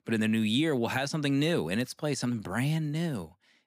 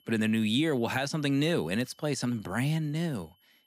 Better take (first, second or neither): first